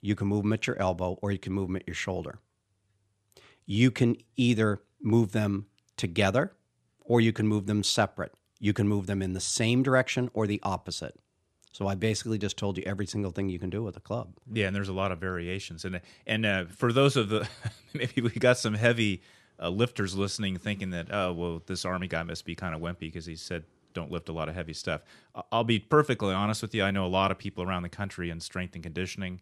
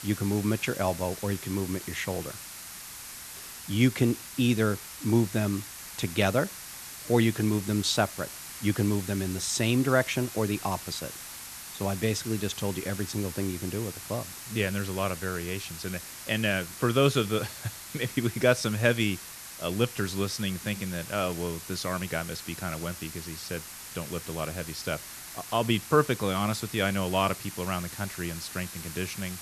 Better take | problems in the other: first | hiss; noticeable; throughout; 10 dB below the speech

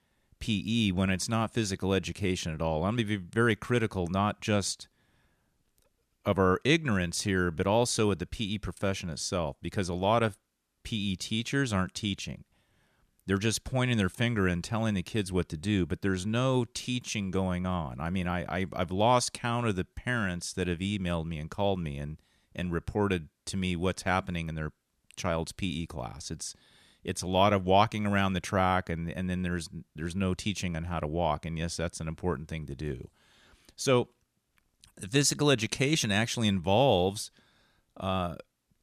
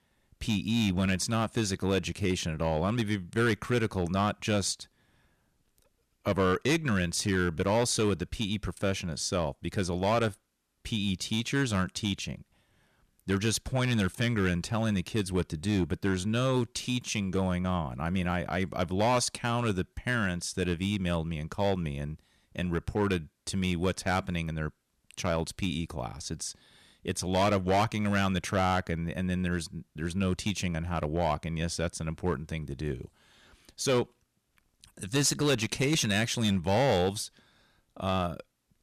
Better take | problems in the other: first | distortion; slight; 4% of the sound clipped

